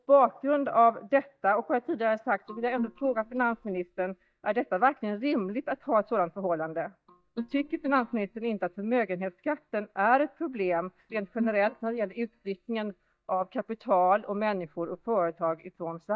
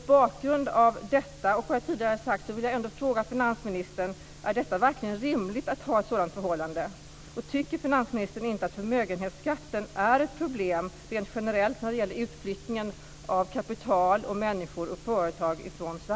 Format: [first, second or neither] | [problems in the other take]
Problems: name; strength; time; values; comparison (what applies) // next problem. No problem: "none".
second | noise reduction (neural mask model DeepFilterNet 3)